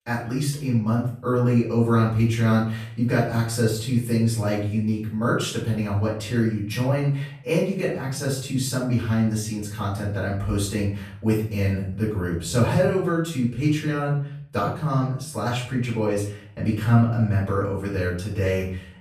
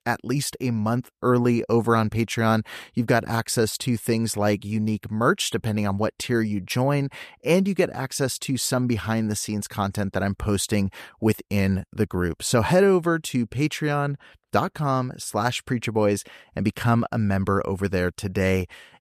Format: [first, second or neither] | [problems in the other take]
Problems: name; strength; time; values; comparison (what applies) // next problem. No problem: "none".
second | off-mic speech; far // room echo; noticeable; dies away in 0.5 s